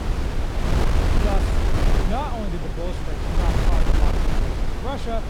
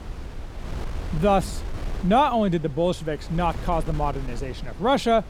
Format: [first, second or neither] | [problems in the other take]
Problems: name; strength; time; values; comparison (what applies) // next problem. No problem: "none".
second | wind noise on the microphone; heavy; 2 dB above the speech; occasional gusts in the second